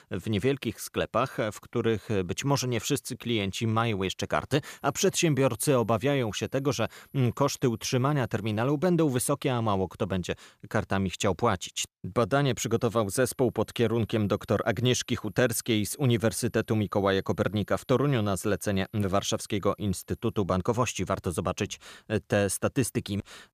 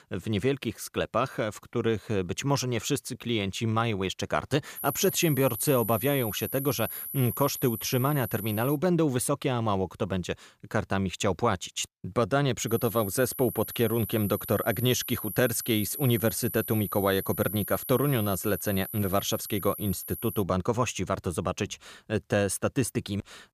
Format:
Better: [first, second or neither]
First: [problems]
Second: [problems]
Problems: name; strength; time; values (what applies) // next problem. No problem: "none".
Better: first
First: high-pitched whine; faint; from 5 to 9 s and from 13 to 20 s; 12 kHz, 35 dB below the speech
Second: high-pitched whine; loud; from 5 to 9 s and from 13 to 20 s; 12 kHz, 7 dB below the speech